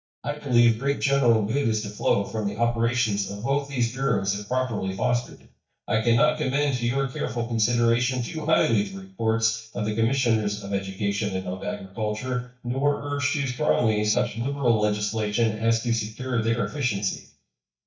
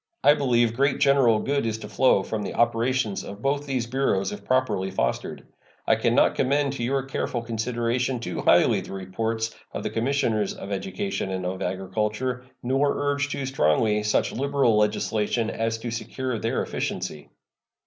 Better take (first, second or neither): second